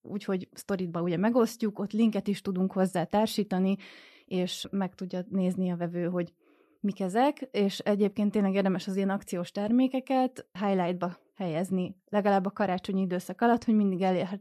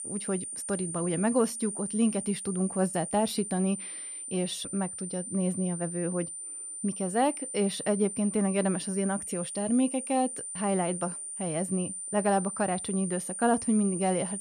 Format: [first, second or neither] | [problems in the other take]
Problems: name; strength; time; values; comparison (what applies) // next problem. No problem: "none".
first | high-pitched whine; loud; throughout; 9 kHz, 6 dB below the speech